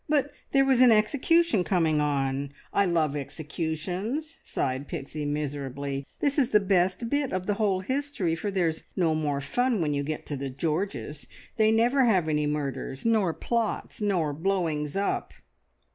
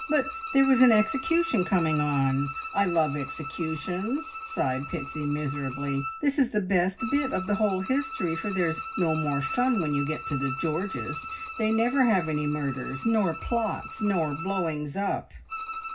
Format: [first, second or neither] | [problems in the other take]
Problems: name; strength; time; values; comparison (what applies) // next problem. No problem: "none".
first | background sound (Bowed string instrument); 9 dB below the speech // room echo; dies away in 0.4 s